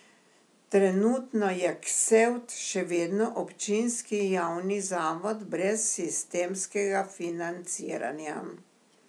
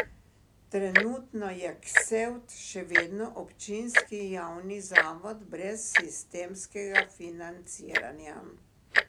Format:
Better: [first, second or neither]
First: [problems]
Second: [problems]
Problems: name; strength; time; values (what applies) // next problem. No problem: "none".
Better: first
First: none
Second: background sound (Tick-tock); 5 dB above the speech